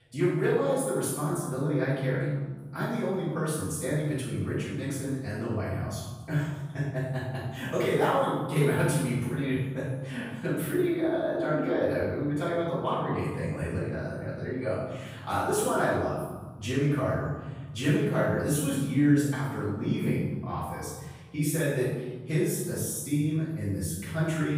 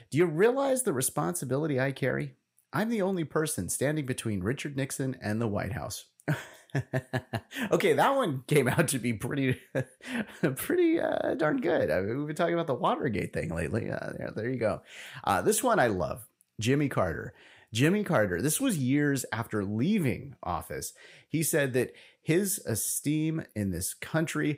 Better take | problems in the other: second | off-mic speech; far // room echo; strong; dies away in 1.5 s

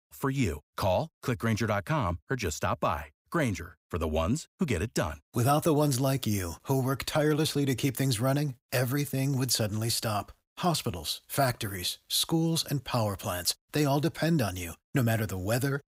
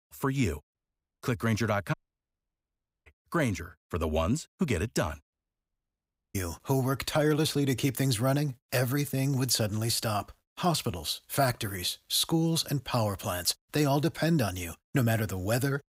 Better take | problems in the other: first | audio cutting out; at 0.5 s, at 2 s for 1 s and at 5.5 s for 1 s

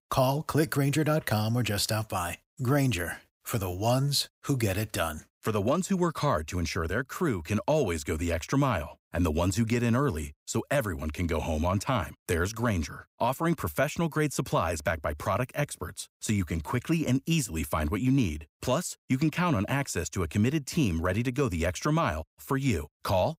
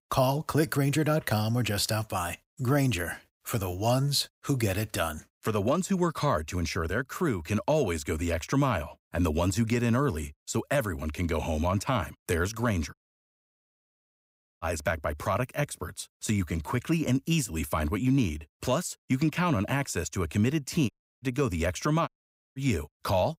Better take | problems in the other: first | audio cutting out; at 13 s for 1.5 s, at 21 s and at 22 s

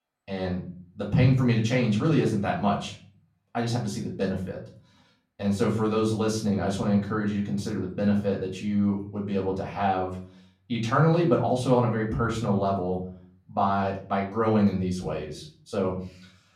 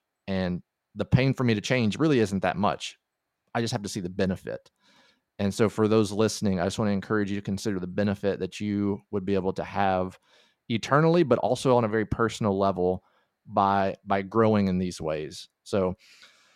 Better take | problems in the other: second | off-mic speech; far // room echo; slight; dies away in 0.4 s

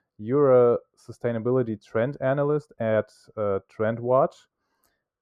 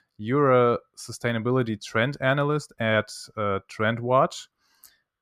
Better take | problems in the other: second | muffled; very; fading above 1.5 kHz

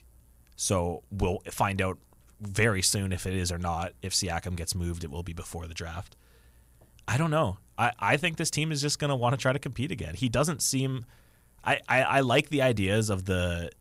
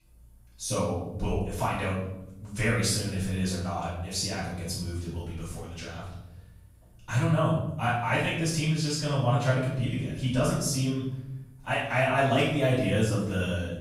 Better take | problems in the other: first | off-mic speech; far // room echo; noticeable; dies away in 0.9 s

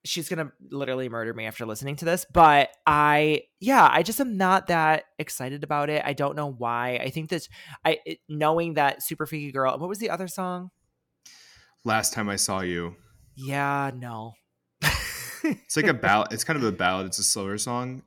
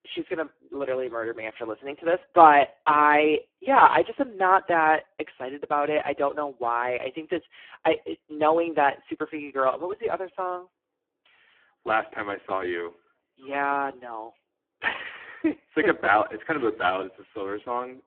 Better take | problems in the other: first | phone-call audio; poor line

